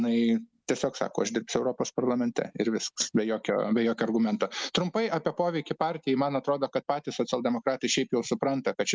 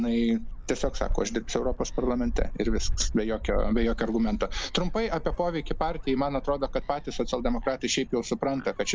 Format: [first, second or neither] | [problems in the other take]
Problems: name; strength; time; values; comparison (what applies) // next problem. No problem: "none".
first | background sound (Gull, seagull); 4 dB below the speech